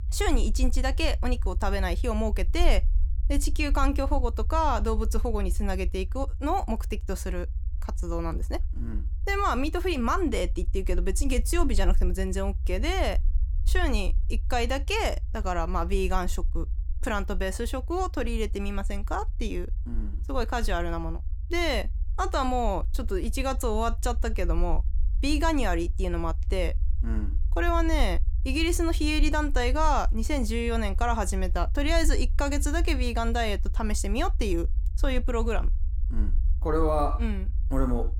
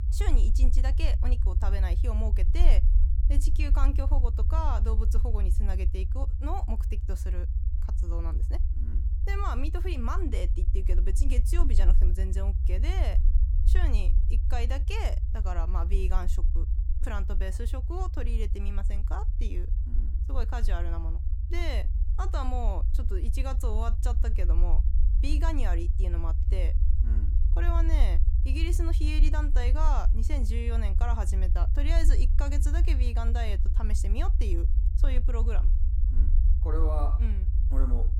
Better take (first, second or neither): first